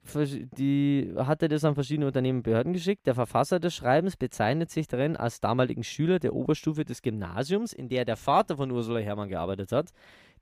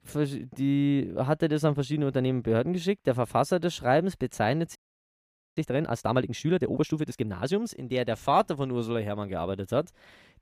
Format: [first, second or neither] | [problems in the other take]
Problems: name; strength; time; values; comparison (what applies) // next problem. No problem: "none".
first | audio freezing; at 5 s for 1 s